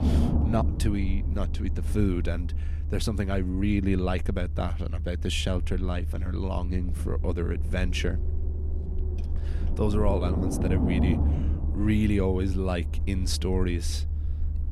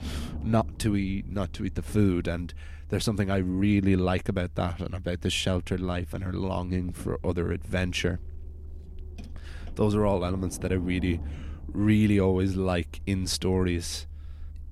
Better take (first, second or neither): second